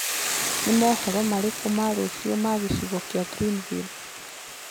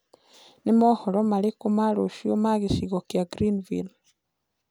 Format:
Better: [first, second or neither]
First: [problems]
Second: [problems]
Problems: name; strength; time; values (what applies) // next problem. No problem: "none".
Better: second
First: background sound (Boiling / Hiss); 5 dB below the speech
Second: none